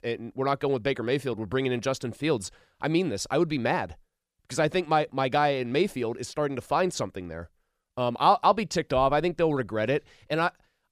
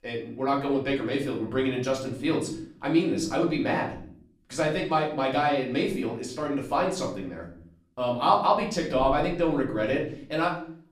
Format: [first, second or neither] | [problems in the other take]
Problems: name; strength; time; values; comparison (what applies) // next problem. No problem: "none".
first | room echo; slight; dies away in 0.5 s // off-mic speech; far